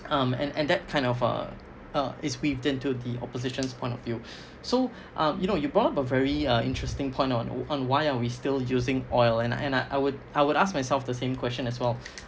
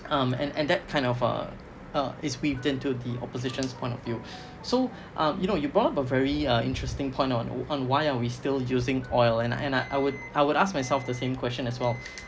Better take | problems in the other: first | background sound (Microwave oven + Piano); 20 dB below the speech

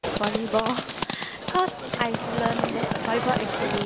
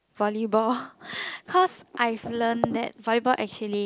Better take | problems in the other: second | background sound (Livestock, farm animals, working animals); as loud as the speech

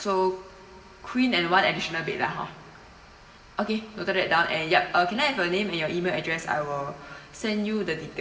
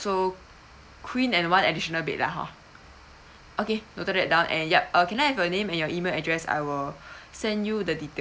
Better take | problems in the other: second | room echo; dies away in 2.2 s

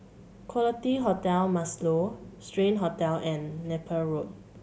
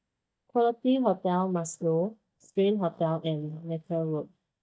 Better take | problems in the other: first | noise reduction (neural mask model DeepFilterNet 3)

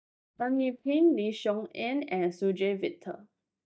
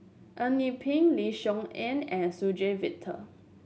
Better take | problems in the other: second | noise reduction (neural mask model DeepFilterNet 3)

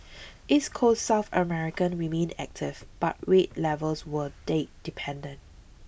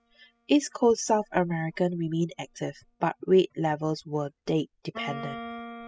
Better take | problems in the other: first | noise reduction (classical method spectral subtraction)

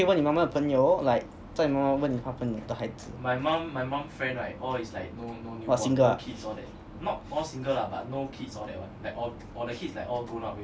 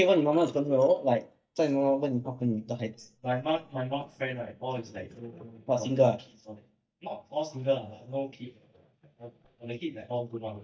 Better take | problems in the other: first | noise reduction (neural mask model DeepFilterNet 3)

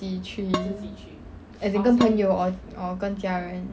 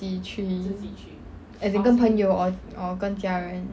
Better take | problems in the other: second | background sound (Dishes, pots, and pans); 9 dB below the speech

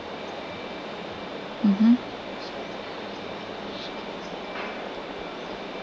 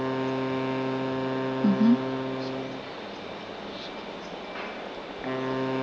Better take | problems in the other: first | background sound (Wind instrument, woodwind instrument); as loud as the speech

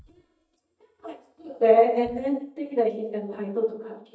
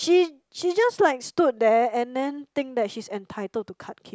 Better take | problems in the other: second | noise reduction (neural mask model DeepFilterNet 3)

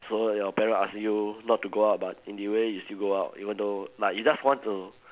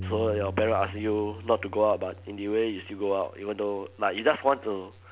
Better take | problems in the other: first | background sound (Bass guitar); 13 dB below the speech

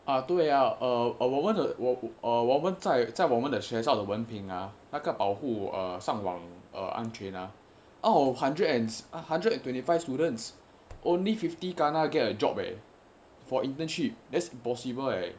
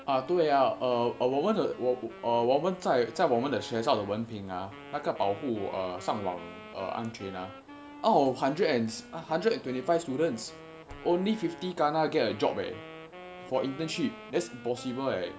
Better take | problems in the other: first | background sound (Wind instrument, woodwind instrument); 18 dB below the speech

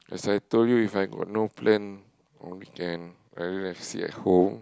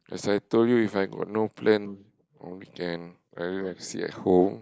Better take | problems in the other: first | noise reduction (neural mask model Resemble Enhance denoiser)

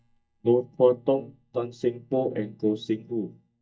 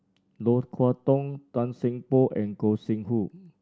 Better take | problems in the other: second | noise reduction (neural mask model DeepFilterNet 3)

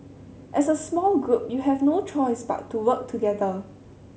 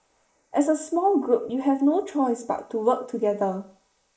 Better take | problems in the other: first | noise reduction (neural mask model Resemble Enhance denoiser)

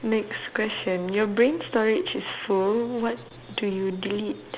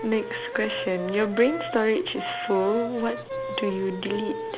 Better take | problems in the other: first | background sound (Wind instrument, woodwind instrument); 8 dB below the speech

